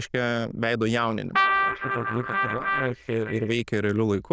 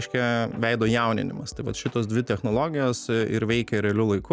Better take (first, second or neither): second